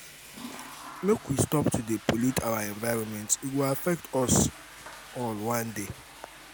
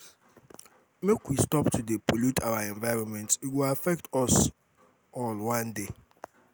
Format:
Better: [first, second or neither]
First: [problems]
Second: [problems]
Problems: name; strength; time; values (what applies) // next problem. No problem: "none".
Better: second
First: background sound (Toilet flush / Water); 17 dB below the speech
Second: none